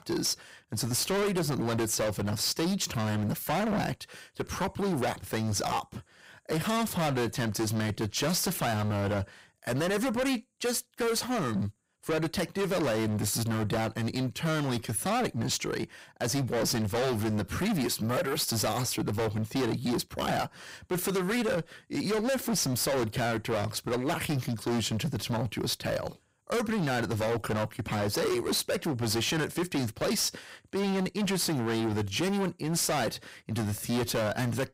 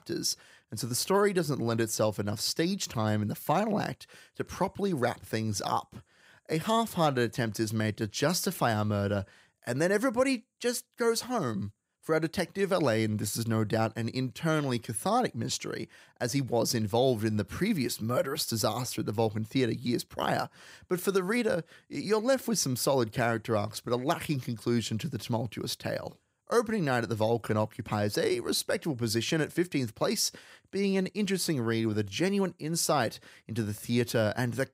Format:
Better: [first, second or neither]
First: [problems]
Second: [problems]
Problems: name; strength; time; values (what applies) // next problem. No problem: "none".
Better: second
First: distortion; heavy; 25% of the sound clipped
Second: none